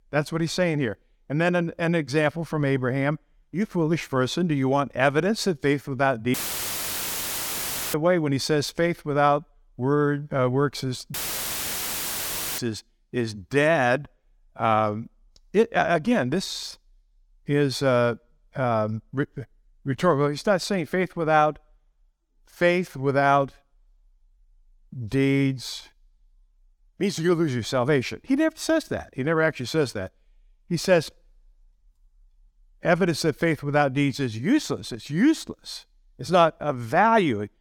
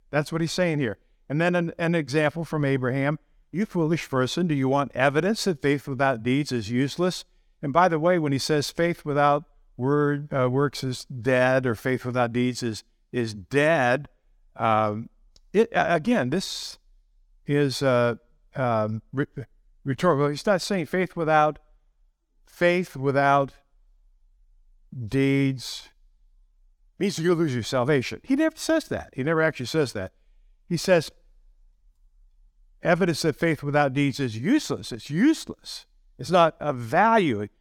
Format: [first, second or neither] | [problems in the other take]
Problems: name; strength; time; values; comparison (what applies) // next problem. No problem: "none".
second | audio cutting out; filled with static; at 6.5 s for 1.5 s and at 11 s for 1.5 s